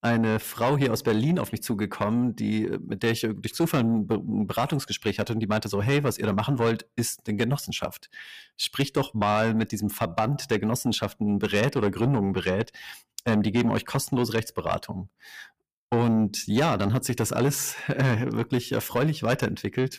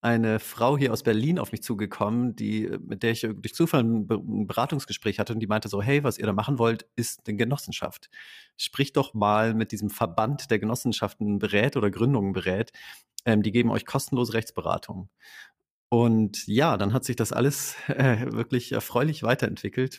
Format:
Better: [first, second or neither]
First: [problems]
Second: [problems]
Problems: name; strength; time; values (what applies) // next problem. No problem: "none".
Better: second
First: distortion; slight; 10 dB below the speech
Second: none